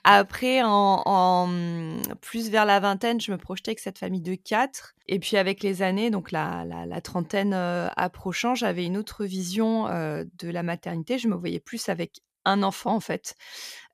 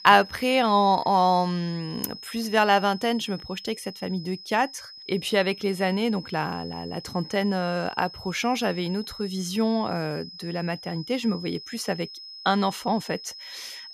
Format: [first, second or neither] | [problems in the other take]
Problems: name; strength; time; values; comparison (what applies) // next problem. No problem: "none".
first | high-pitched whine; noticeable; throughout; 5 kHz, 15 dB below the speech